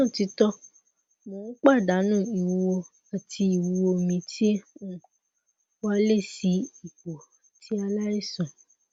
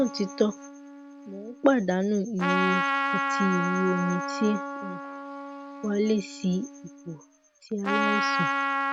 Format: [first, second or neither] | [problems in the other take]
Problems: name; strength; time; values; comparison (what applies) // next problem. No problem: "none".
first | background sound (Trumpet); 2 dB below the speech